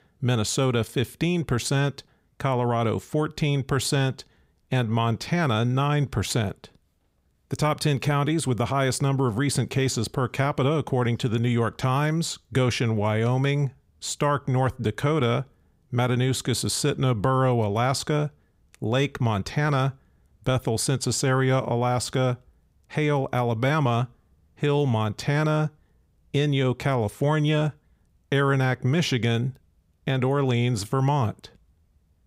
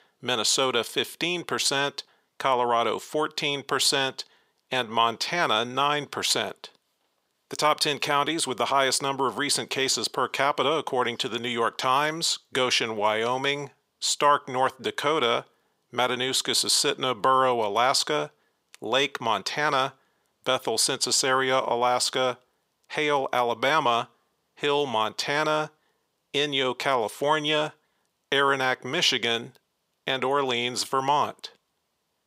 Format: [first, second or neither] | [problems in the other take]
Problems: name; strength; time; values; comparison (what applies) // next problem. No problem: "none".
first | thin; very; fading below 450 Hz